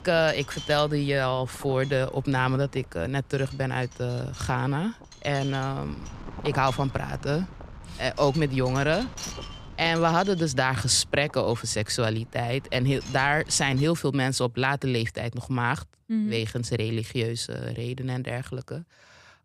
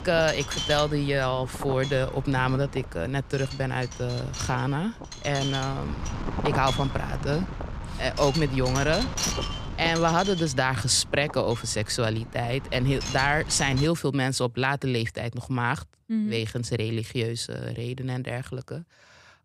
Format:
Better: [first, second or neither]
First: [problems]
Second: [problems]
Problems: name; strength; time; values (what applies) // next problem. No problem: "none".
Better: first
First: wind noise on the microphone; occasional gusts; until 14 s; 15 dB below the speech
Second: wind noise on the microphone; heavy; until 14 s; 7 dB below the speech